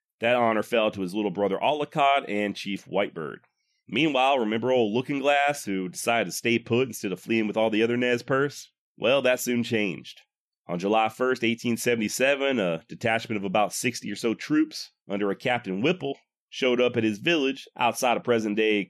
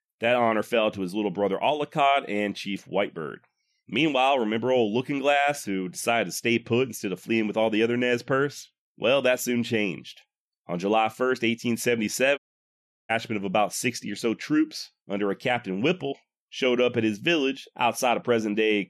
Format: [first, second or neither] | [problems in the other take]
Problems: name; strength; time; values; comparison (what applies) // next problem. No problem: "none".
first | audio cutting out; at 12 s for 0.5 s